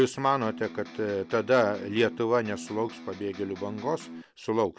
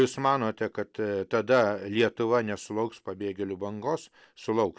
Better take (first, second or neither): second